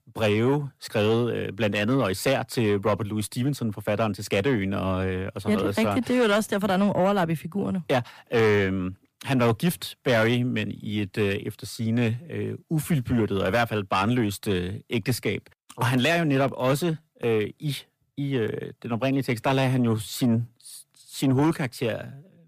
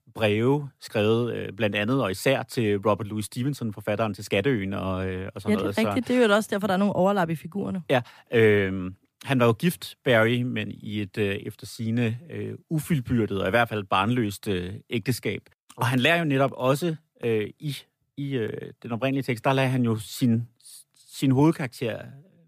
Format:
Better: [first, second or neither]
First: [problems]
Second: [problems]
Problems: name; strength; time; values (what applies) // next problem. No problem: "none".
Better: second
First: distortion; slight; 10 dB below the speech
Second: none